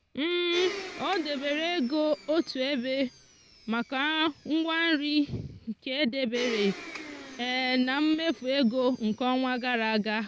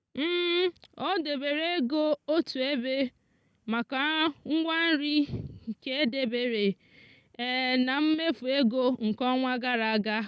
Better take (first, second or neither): second